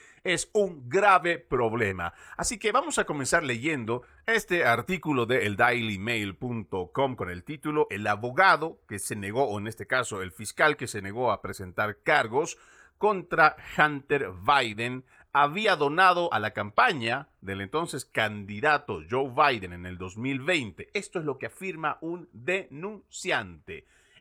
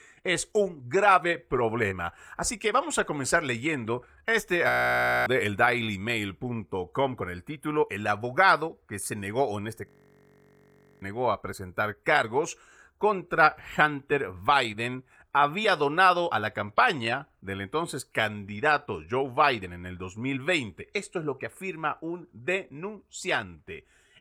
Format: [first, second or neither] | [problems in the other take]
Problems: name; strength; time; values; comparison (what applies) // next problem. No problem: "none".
first | audio freezing; at 4.5 s for 0.5 s and at 10 s for 1 s